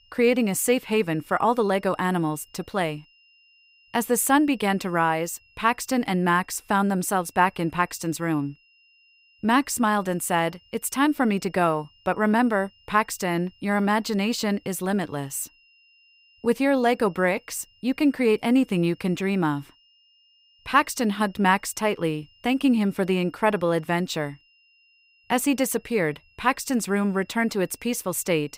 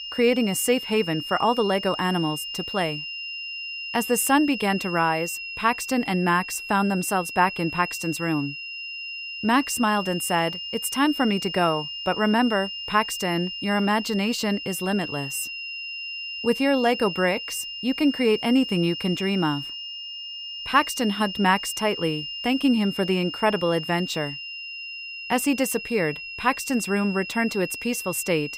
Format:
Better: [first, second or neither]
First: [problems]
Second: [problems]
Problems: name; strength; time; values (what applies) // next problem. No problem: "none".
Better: first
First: high-pitched whine; faint; throughout; 3 kHz, 35 dB below the speech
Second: high-pitched whine; loud; throughout; 3 kHz, 7 dB below the speech